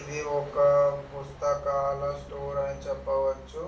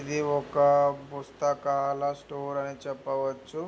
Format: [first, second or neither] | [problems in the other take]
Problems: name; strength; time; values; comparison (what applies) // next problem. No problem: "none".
second | background sound (Truck); 18 dB below the speech // room echo; dies away in 0.3 s